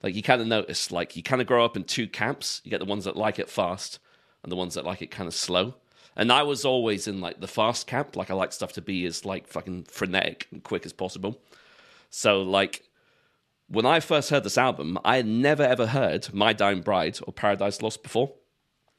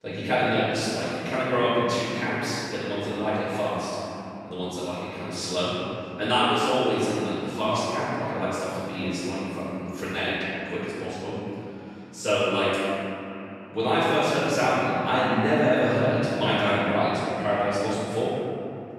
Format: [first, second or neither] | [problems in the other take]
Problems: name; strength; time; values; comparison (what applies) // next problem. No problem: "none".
first | room echo; strong; dies away in 3 s // off-mic speech; far